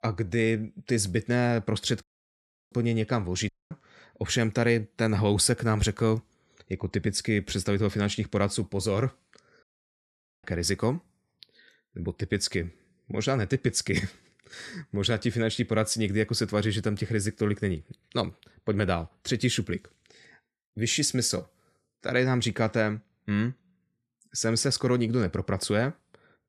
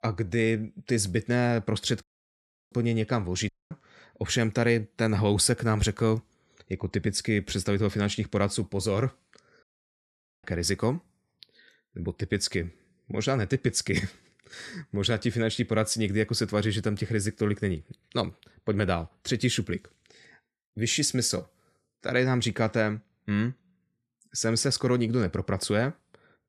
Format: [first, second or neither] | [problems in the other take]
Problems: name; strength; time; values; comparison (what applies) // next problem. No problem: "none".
neither | audio cutting out; at 2 s for 0.5 s, at 3.5 s and at 9.5 s for 1 s; the same in both